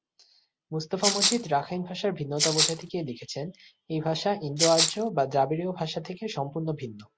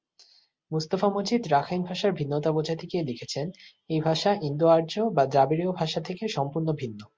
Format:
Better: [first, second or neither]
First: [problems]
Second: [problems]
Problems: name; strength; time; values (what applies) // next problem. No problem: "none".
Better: second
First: background sound (Rattle (instrument)); 3 dB above the speech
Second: none